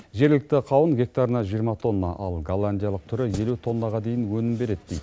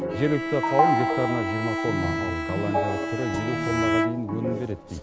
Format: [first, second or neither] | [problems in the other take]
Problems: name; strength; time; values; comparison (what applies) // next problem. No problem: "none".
first | background sound (Organ + Bowed string instrument); 2 dB above the speech